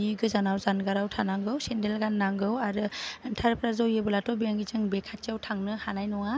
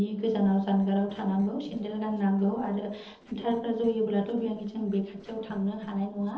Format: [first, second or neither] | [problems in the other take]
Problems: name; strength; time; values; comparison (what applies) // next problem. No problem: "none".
first | noise reduction (neural separator model SepFormer DNS4)